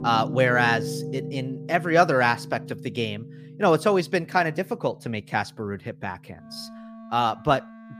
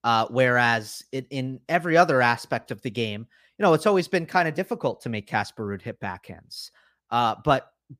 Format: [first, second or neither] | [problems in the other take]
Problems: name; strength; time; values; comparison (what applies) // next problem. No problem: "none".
second | background music; noticeable; throughout; 10 dB below the speech